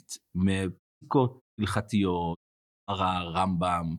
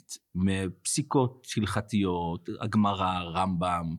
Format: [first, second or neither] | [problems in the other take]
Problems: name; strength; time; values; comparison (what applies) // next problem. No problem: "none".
second | audio cutting out; at 1 s, at 1.5 s and at 2.5 s for 0.5 s